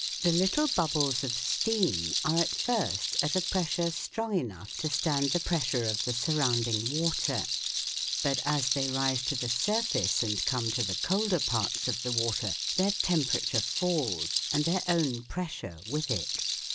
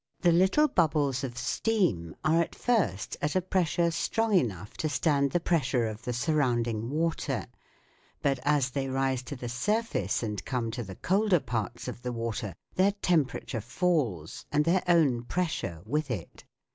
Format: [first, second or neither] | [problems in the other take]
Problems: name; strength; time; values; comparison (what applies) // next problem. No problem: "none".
second | background sound (Rattle); as loud as the speech